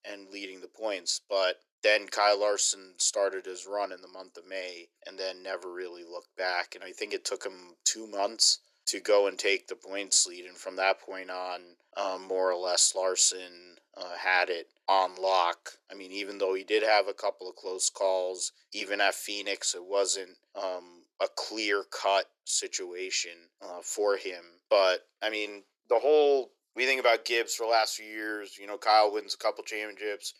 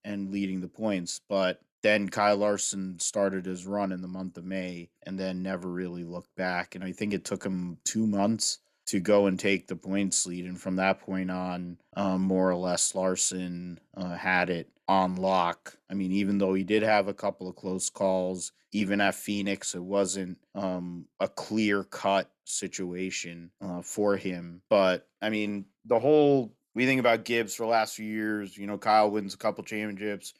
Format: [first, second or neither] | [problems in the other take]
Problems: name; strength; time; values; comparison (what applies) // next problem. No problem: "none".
second | thin; very; fading below 350 Hz